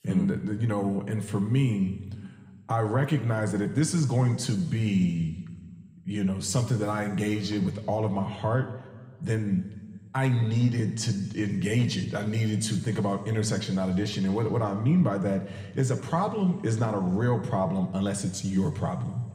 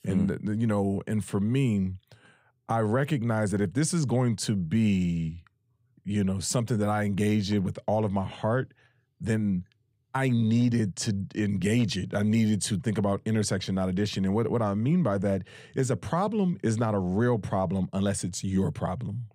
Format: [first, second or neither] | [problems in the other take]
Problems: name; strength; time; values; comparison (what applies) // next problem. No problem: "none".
second | room echo; slight; dies away in 1.4 s